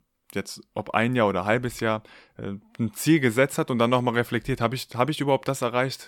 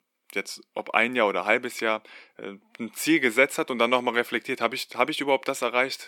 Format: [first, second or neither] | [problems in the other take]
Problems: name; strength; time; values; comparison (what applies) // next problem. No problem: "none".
first | thin; very slightly; fading below 300 Hz